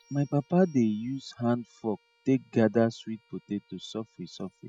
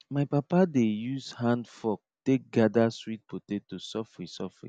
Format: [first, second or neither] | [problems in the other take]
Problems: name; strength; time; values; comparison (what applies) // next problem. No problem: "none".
second | noise reduction (classical method spectral subtraction)